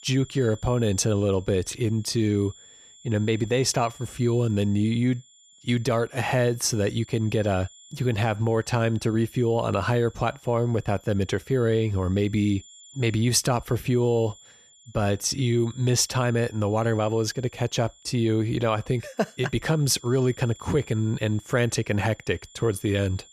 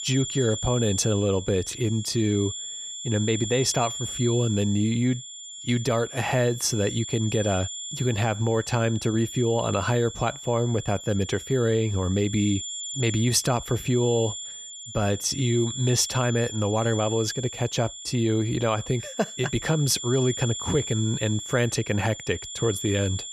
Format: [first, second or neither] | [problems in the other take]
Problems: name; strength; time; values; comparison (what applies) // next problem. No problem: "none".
first | high-pitched whine; loud; throughout; 7 kHz, 8 dB below the speech; faint in the first